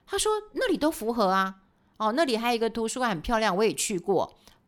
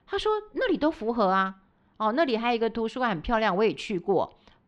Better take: first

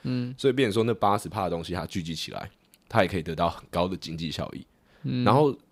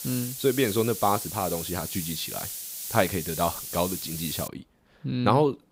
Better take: first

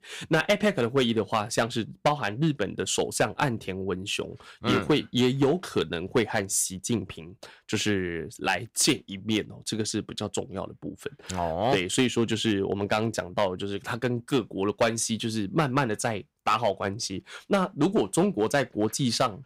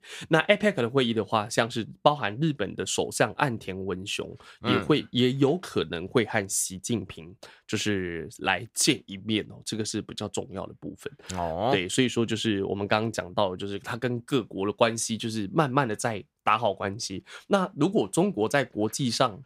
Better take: second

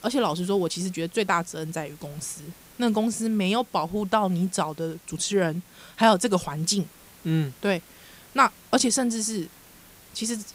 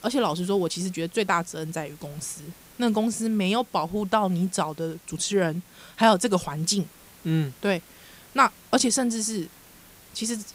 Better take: neither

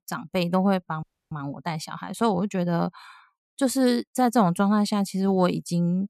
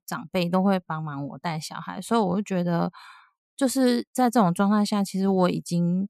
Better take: second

